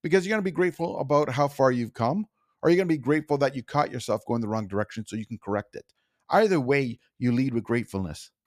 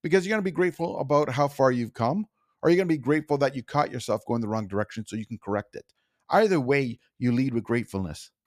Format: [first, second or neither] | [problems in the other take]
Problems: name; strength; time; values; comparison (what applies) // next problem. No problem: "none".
neither | none